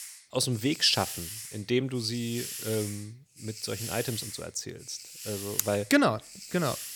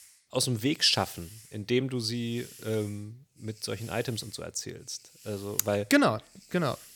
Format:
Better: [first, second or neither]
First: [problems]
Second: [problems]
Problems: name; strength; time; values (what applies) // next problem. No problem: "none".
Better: second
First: hiss; loud; throughout; 9 dB below the speech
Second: hiss; faint; throughout; 20 dB below the speech